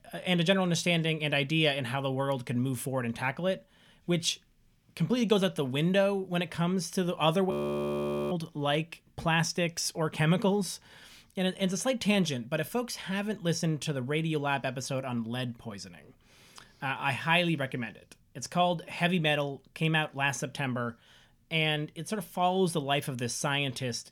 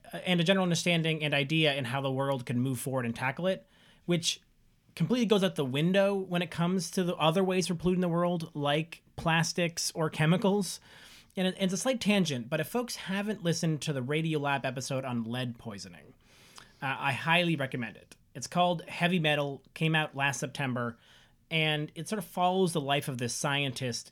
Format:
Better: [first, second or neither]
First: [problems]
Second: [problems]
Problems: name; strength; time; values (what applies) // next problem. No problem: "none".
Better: second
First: audio freezing; at 7.5 s for 1 s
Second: none